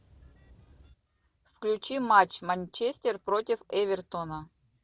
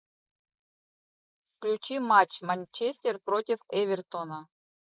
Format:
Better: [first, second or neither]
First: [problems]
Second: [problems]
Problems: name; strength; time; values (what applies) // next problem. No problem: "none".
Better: first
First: none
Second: noise reduction (neural mask model Resemble Enhance denoiser)